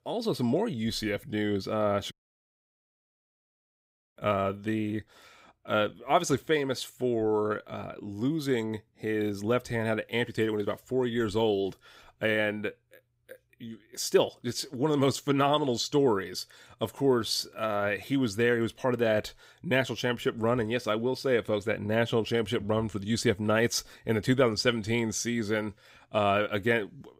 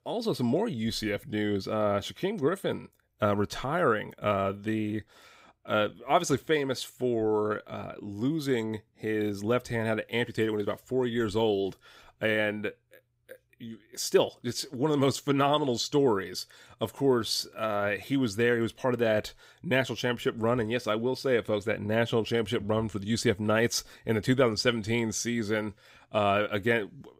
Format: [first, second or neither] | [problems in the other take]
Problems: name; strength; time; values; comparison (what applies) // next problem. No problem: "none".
second | audio cutting out; at 2 s for 2 s